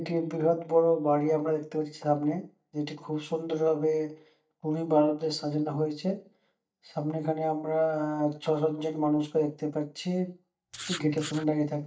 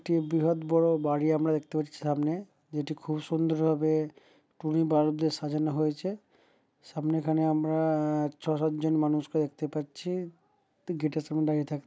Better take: second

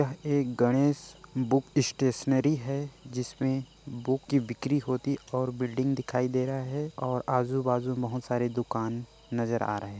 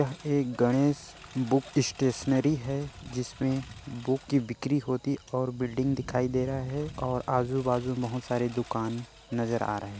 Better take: first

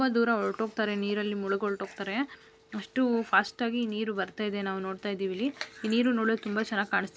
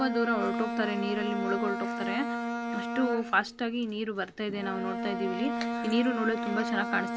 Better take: first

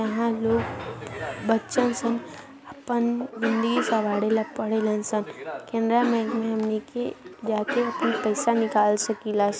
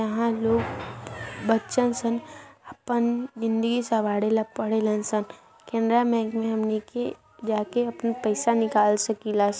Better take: second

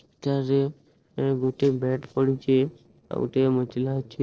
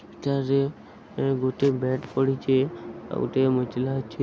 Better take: second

